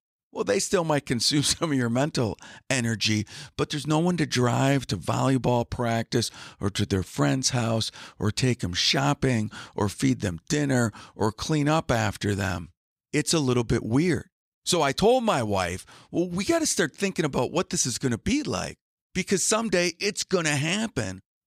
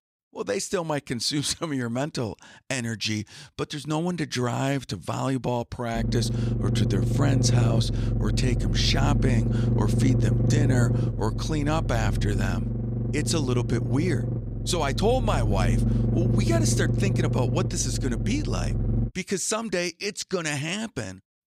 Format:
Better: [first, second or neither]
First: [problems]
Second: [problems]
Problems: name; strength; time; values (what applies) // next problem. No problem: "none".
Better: first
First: none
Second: low rumble; loud; from 6 to 19 s; 5 dB below the speech